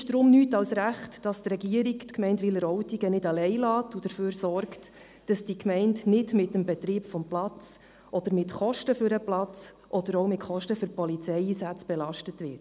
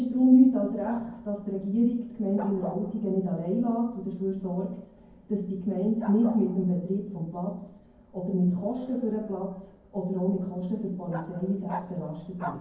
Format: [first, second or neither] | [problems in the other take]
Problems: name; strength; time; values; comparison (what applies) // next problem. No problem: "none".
first | background sound (Bark); 17 dB below the speech // room echo; dies away in 0.9 s